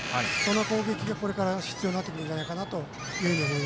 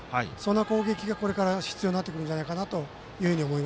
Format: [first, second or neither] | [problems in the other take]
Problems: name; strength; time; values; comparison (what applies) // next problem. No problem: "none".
second | background sound (Boat, Water vehicle); 4 dB below the speech